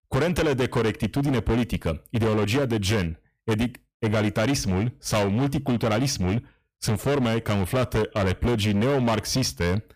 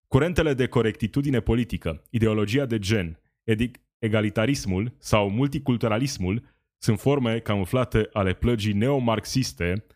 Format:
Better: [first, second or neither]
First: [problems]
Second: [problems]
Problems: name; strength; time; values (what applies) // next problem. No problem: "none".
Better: second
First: distortion; heavy; 23% of the sound clipped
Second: none